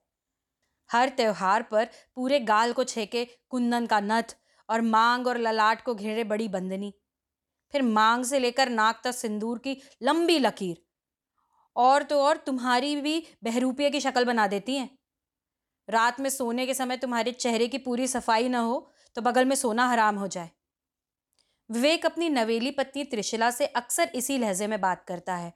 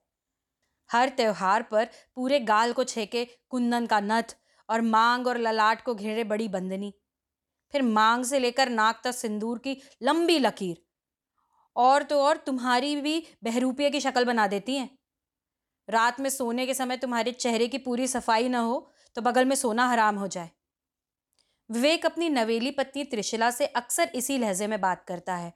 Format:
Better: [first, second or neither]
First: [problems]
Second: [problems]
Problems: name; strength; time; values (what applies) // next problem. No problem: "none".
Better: neither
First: none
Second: none